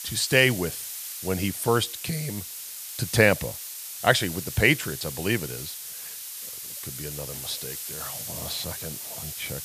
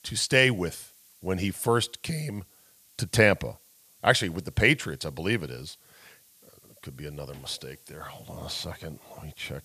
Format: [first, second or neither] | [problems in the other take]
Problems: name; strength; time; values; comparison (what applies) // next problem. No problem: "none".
second | hiss; loud; throughout; 9 dB below the speech; faint in the second